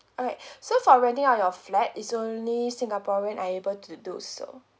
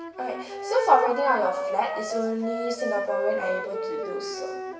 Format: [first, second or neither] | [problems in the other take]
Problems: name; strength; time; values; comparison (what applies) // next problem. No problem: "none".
first | background sound (Wind instrument, woodwind instrument); 5 dB below the speech // room echo; dies away in 1 s